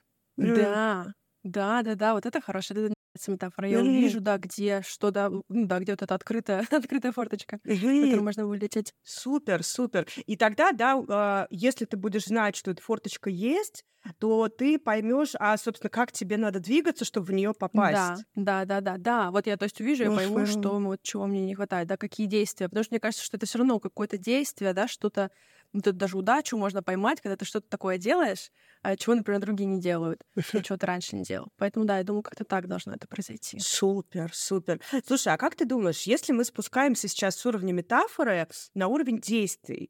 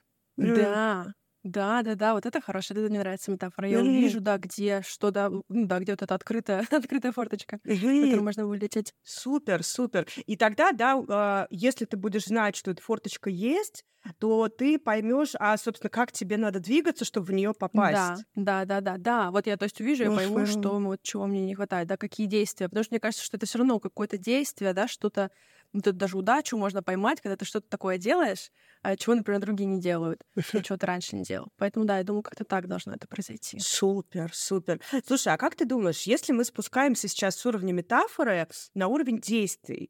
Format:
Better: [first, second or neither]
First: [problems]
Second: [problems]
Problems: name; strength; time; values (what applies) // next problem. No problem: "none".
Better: second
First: audio cutting out; at 3 s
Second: none